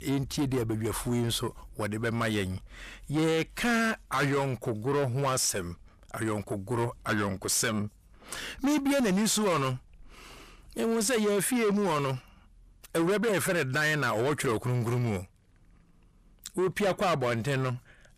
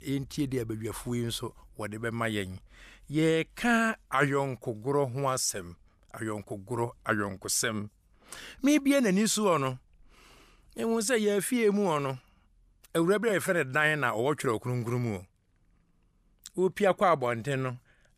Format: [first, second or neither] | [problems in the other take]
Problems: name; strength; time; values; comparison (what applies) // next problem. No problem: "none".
second | distortion; heavy; 7 dB below the speech